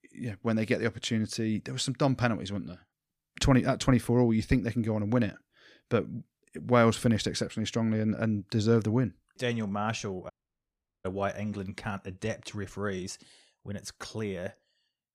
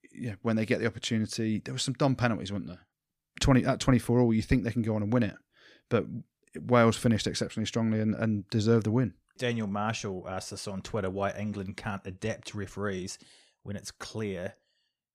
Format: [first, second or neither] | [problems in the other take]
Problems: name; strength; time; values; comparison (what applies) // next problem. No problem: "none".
second | audio cutting out; at 10 s for 0.5 s